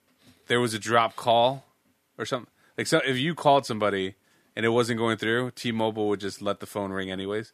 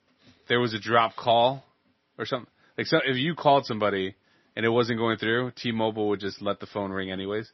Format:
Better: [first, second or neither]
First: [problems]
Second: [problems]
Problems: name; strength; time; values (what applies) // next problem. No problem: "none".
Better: first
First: none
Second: garbled, watery; slightly; nothing above 5.5 kHz